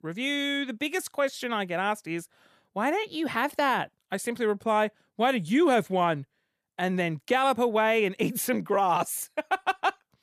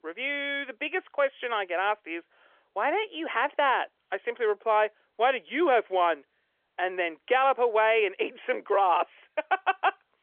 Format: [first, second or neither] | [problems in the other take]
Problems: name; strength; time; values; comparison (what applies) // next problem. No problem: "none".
first | phone-call audio; nothing above 3.5 kHz